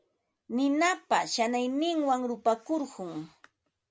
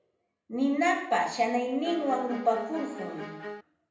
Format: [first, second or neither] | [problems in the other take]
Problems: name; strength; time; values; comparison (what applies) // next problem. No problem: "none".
first | background sound (Bowed string instrument); 11 dB below the speech // room echo; dies away in 0.8 s